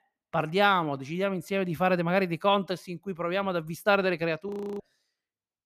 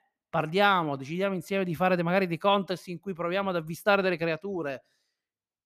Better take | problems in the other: second | audio freezing; at 4.5 s

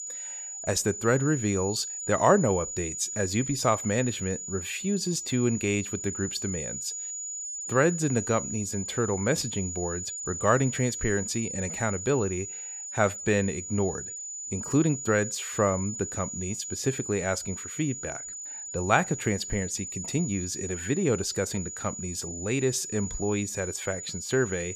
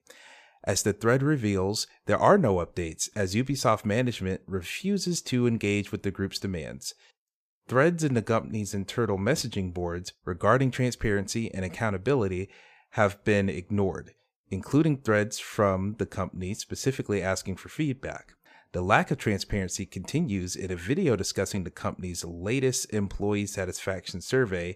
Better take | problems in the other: second | high-pitched whine; loud; throughout; 7 kHz, 6 dB below the speech

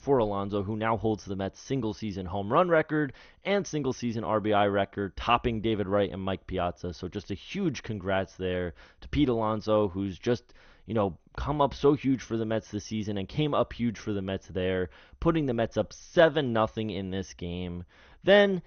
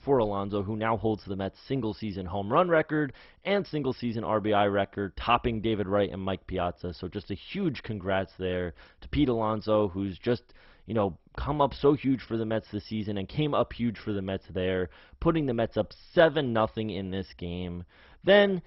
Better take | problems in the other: first | garbled, watery; badly; nothing above 5.5 kHz; slightly in the first

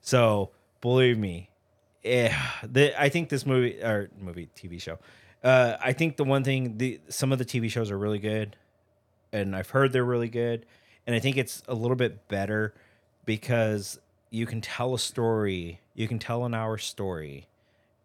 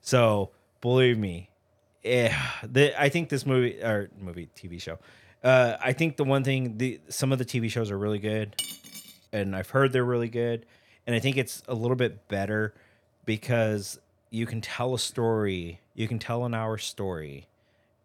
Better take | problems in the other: first | clattering dishes; noticeable; at 8.5 s; peak 6 dB below the speech

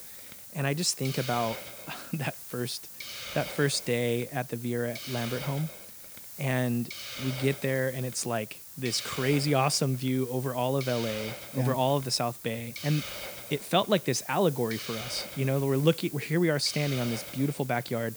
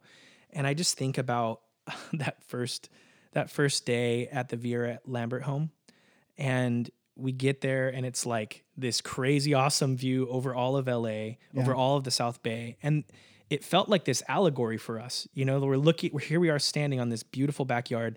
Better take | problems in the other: second | hiss; loud; throughout; 10 dB below the speech

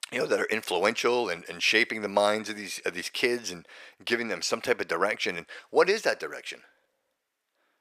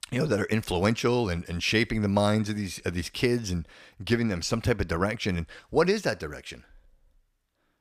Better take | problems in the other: second | thin; somewhat; fading below 500 Hz

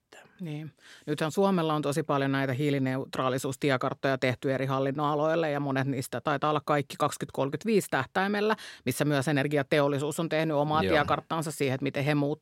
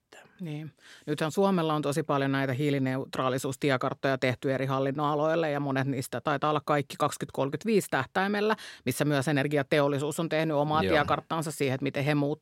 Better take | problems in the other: neither | none

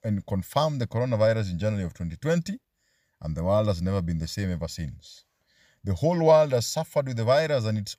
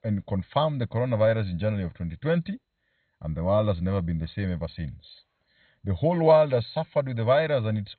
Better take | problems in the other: first | garbled, watery; badly; nothing above 4 kHz

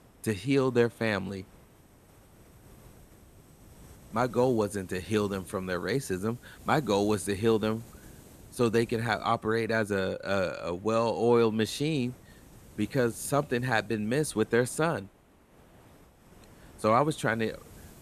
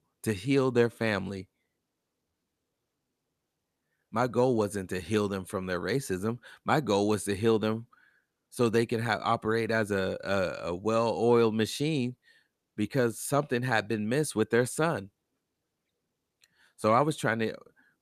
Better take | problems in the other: second | hiss; faint; throughout; 25 dB below the speech

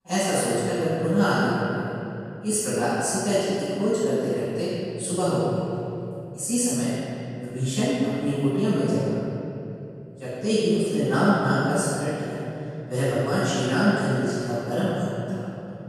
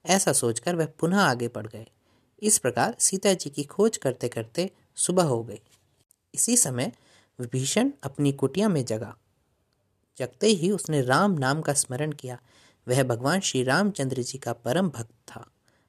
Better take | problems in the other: second | off-mic speech; far // room echo; strong; dies away in 2.9 s

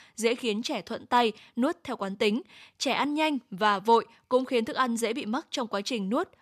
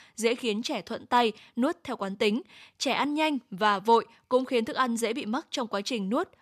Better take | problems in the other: neither | none

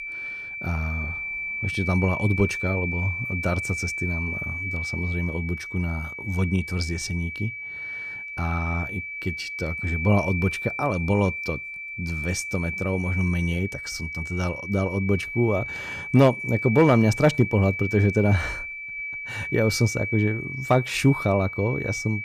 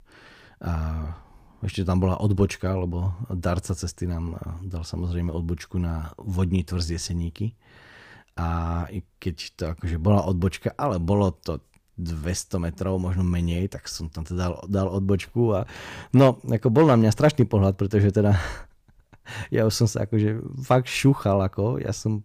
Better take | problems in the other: second | high-pitched whine; loud; throughout; 2.5 kHz, 5 dB below the speech

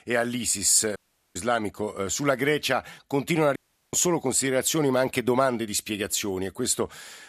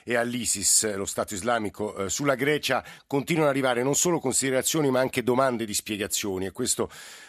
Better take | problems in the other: second | audio cutting out; at 1 s and at 3.5 s

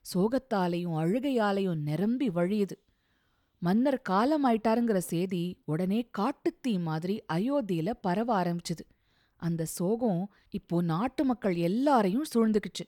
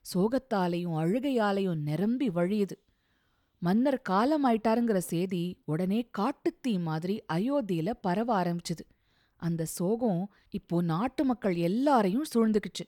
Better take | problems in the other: neither | none

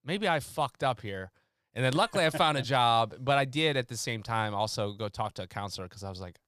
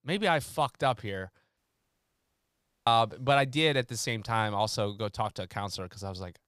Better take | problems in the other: first | audio cutting out; at 1.5 s for 1.5 s

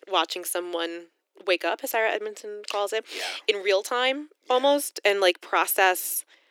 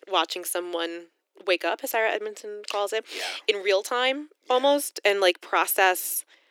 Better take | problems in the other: neither | thin; very; fading below 300 Hz; the same in both

